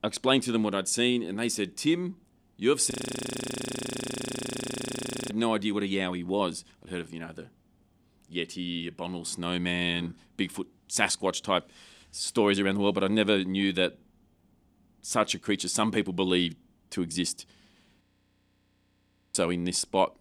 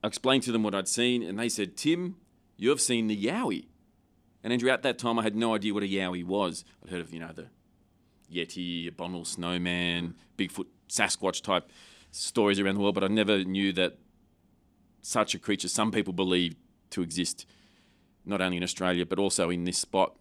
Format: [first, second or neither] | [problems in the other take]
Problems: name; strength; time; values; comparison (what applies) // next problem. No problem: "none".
second | audio freezing; at 3 s for 2.5 s and at 18 s for 1.5 s